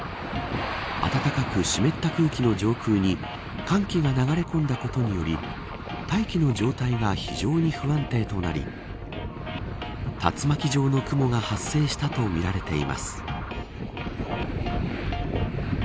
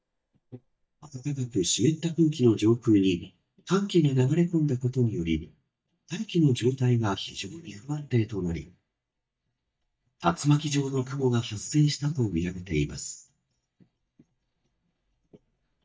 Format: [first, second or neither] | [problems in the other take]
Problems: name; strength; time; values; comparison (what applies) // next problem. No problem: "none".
first | noise reduction (neural mask model DeepFilterNet 3)